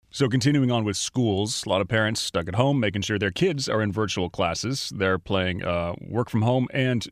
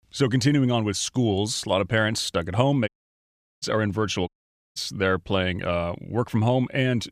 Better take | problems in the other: first | audio cutting out; at 3 s for 0.5 s and at 4.5 s

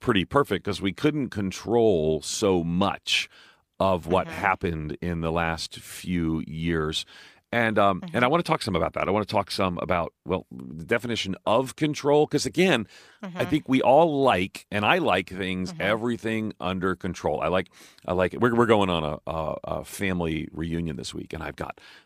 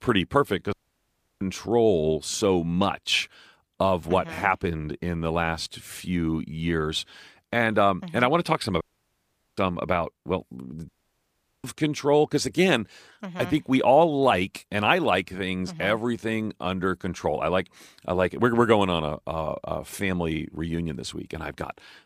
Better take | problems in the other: first | audio cutting out; at 0.5 s for 0.5 s, at 9 s for 1 s and at 11 s for 1 s

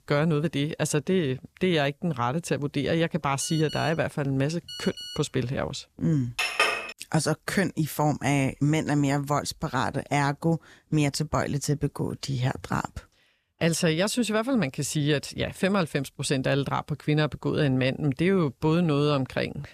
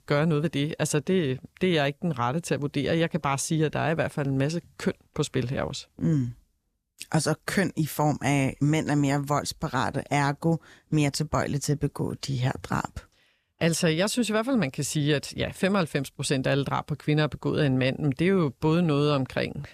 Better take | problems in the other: second | phone ringing; noticeable; from 3.5 to 5 s; peak 9 dB below the speech // clattering dishes; loud; at 6.5 s; peak 3 dB above the speech

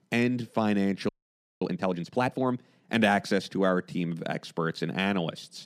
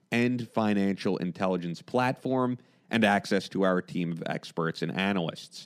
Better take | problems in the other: second | audio freezing; at 1 s for 0.5 s

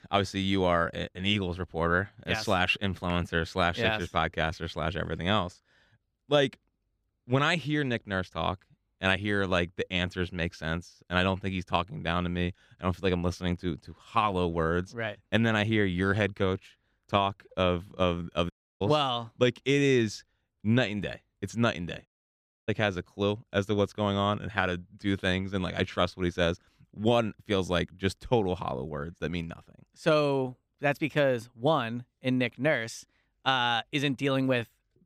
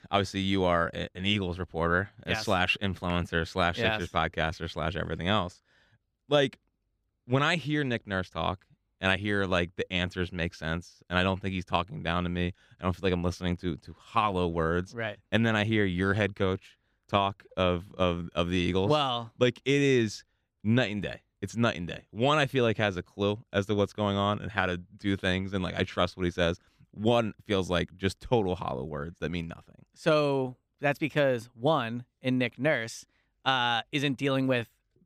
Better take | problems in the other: second | audio cutting out; at 19 s and at 22 s for 0.5 s

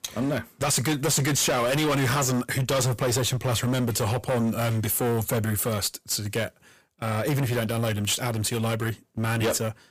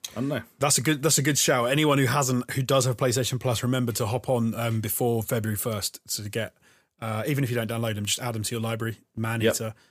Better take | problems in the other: second | distortion; heavy; 21% of the sound clipped

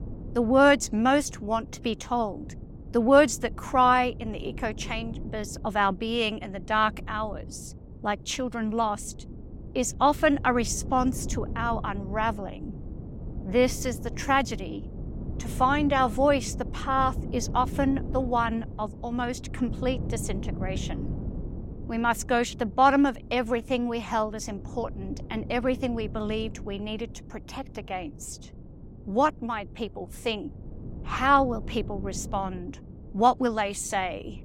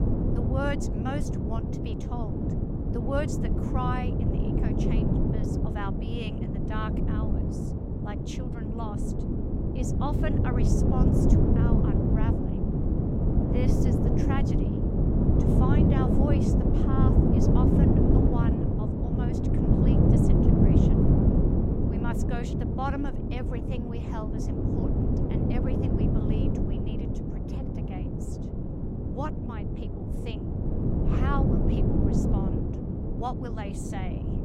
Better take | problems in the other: first | wind noise on the microphone; heavy; 4 dB above the speech; occasional gusts in the first

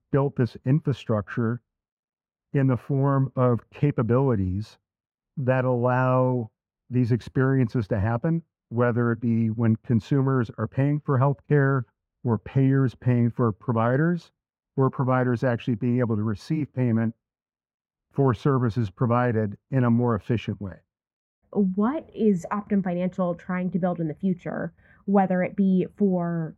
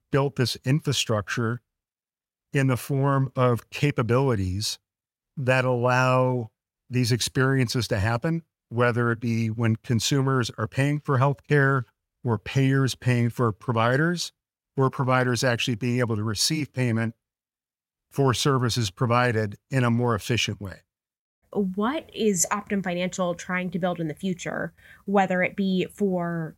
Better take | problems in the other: second | muffled; very; fading above 2.5 kHz

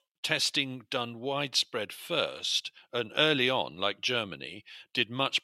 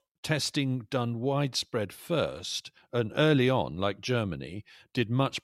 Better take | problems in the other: second | thin; somewhat; fading below 550 Hz

